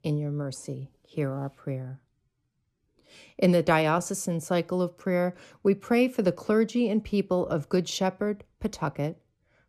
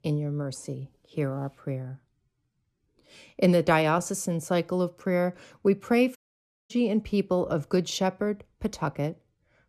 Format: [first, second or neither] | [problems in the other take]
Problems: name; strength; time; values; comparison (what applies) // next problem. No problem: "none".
first | audio cutting out; at 6 s for 0.5 s